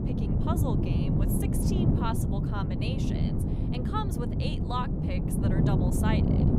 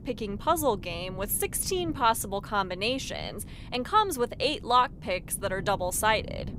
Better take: second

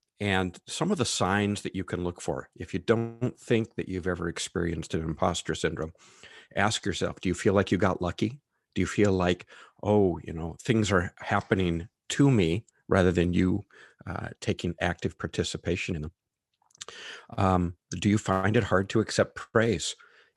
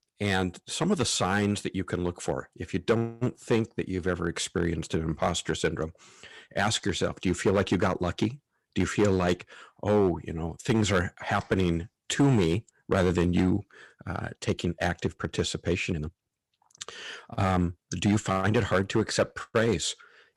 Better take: first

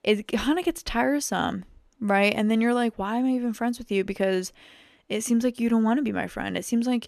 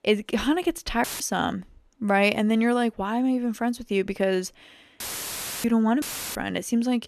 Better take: first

